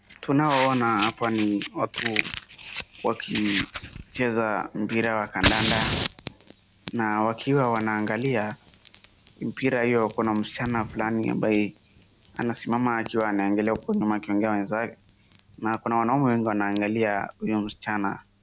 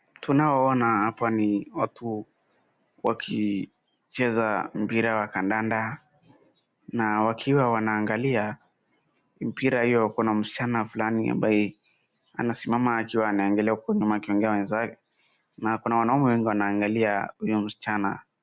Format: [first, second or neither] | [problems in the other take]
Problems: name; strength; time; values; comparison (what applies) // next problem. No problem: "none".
second | background sound (Fire); 10 dB below the speech